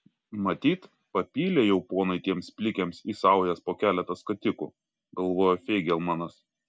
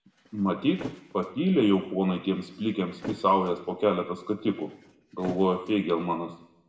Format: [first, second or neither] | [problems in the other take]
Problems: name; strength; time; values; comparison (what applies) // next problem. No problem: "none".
first | background sound (Thump, thud); 18 dB below the speech // room echo; dies away in 0.8 s